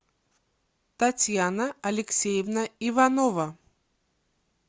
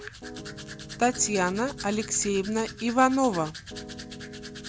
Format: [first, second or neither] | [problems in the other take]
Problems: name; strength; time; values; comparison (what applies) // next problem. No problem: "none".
first | background sound (Piano + Domestic sounds, home sounds); 12 dB below the speech